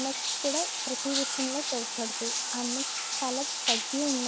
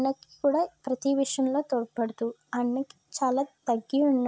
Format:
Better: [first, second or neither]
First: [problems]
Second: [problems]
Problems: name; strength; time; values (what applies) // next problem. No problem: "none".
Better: second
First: background sound (Bathtub (filling or washing)); 2 dB above the speech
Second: none